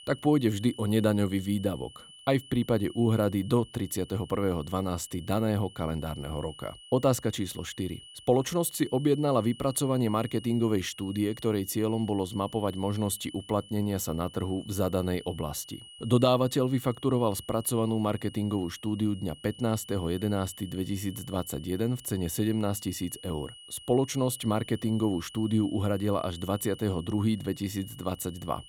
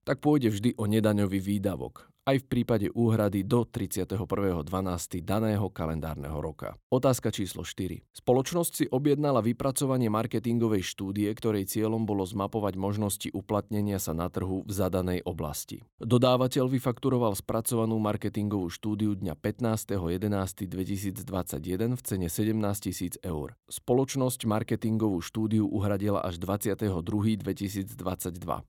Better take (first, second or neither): second